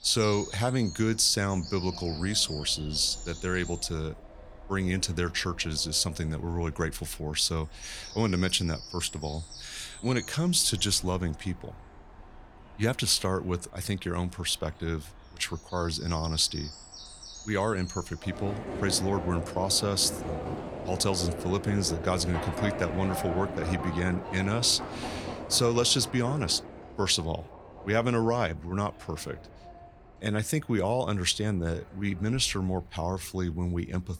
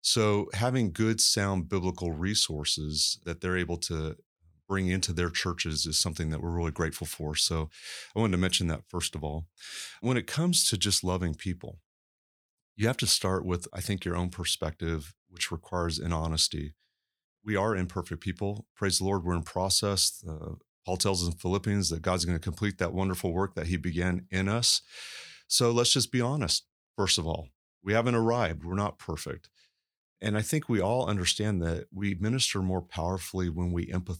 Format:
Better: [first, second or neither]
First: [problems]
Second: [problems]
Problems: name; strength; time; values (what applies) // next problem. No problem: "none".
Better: second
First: animal sounds; noticeable; throughout; 10 dB below the speech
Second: none